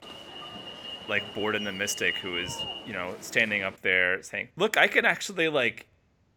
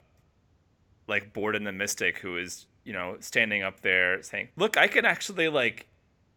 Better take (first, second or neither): second